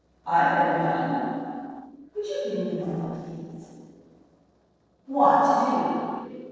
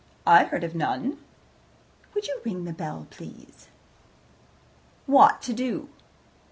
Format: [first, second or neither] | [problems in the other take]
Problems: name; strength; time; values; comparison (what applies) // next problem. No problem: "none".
second | noise reduction (neural separator model SepFormer DNS4)